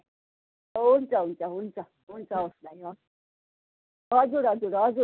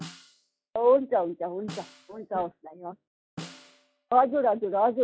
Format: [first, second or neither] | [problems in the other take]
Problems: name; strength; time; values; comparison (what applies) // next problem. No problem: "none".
first | noise reduction (classical method log-MMSE)